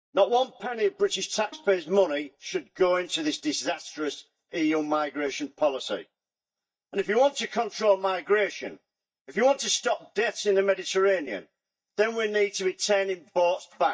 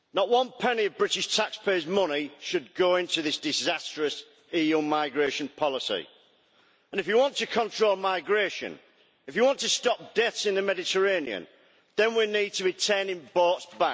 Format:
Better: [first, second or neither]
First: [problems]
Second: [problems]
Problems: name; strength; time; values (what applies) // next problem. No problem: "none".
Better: second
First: noise reduction (neural mask model DeepFilterNet 3)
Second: none